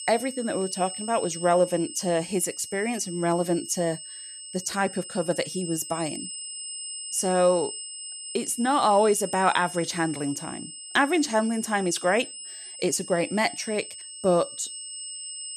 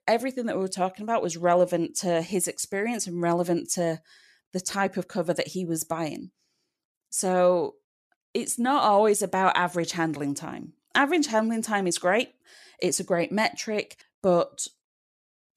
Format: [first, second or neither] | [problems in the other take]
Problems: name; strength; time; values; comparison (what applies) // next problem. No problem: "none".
second | high-pitched whine; loud; throughout; 8 kHz, 10 dB below the speech